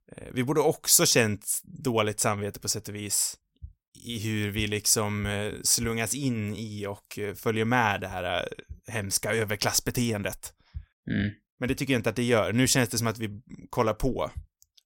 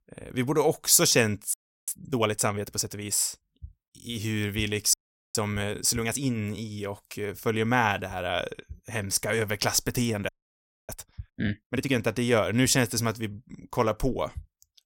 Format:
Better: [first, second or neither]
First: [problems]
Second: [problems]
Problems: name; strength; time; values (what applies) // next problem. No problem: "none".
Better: first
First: none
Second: audio freezing; at 1.5 s, at 5 s and at 10 s for 0.5 s